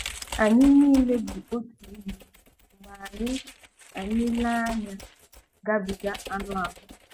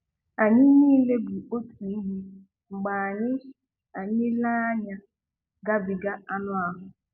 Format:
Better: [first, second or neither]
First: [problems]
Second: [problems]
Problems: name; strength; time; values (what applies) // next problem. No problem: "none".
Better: second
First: noise reduction (neural mask model RNNoise)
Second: none